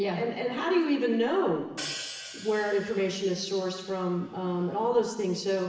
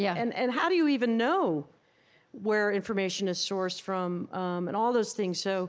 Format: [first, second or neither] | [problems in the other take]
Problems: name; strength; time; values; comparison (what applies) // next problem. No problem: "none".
second | background sound (Hi-hat); 14 dB below the speech // room echo; dies away in 1.1 s